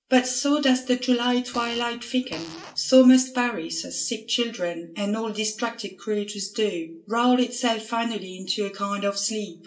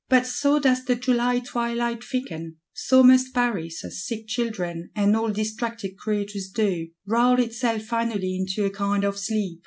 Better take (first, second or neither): second